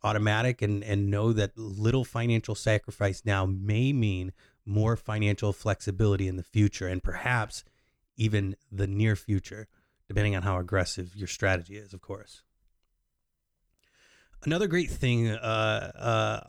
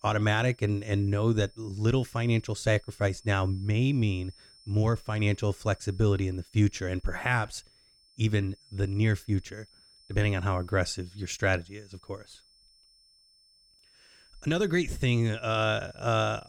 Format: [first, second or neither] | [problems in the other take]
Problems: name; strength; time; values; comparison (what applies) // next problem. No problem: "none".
first | high-pitched whine; faint; throughout; 5.5 kHz, 30 dB below the speech